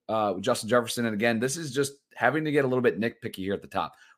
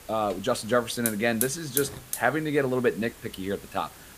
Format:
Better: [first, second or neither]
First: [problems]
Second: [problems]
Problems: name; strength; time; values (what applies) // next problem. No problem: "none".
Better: first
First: none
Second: hiss; loud; throughout; 4 dB below the speech